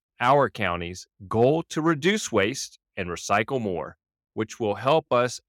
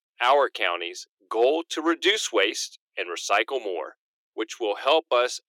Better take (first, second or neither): first